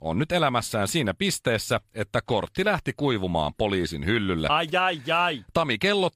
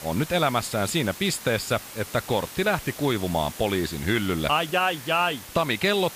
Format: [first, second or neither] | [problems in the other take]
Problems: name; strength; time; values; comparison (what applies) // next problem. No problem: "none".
first | hiss; noticeable; throughout; 15 dB below the speech